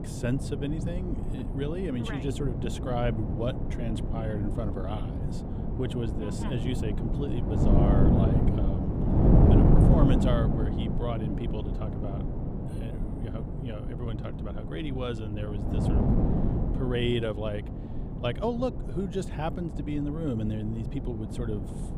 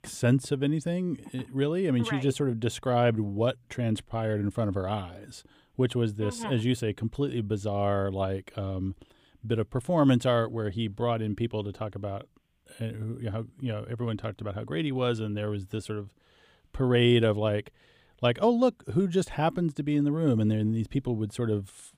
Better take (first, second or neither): second